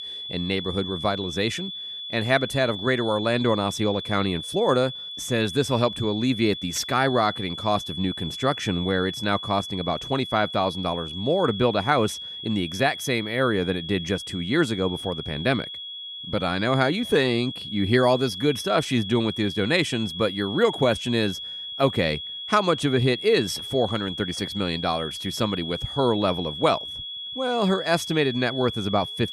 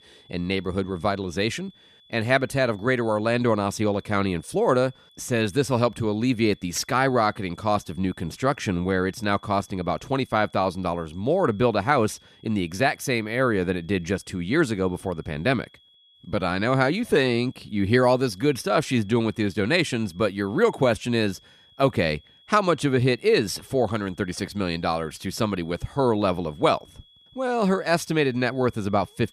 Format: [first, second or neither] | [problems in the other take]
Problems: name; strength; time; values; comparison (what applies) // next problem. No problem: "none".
second | high-pitched whine; loud; throughout; 3.5 kHz, 8 dB below the speech; faint in the second